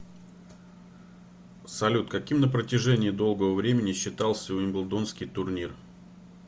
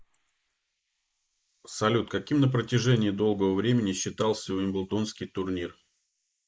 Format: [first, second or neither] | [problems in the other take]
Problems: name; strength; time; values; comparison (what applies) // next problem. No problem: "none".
first | noise reduction (neural mask model Resemble Enhance denoiser)